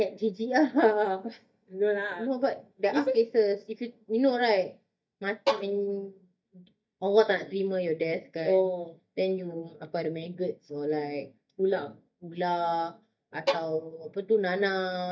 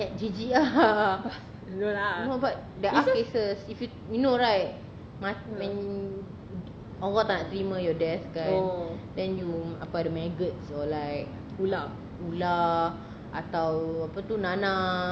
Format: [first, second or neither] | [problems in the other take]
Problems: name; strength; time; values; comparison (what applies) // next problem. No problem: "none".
second | noise reduction (neural mask model DeepFilterNet 3)